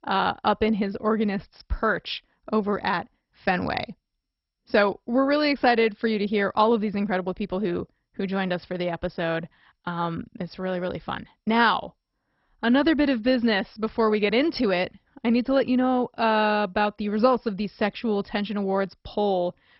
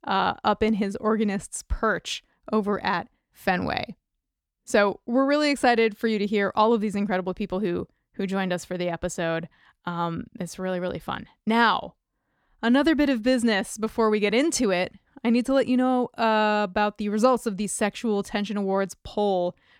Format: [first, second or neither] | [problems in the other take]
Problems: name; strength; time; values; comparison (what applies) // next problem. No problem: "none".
second | garbled, watery; badly; nothing above 5.5 kHz